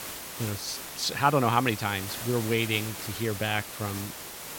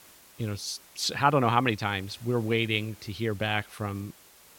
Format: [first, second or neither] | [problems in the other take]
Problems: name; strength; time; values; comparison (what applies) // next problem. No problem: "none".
second | hiss; loud; throughout; 8 dB below the speech; faint in the second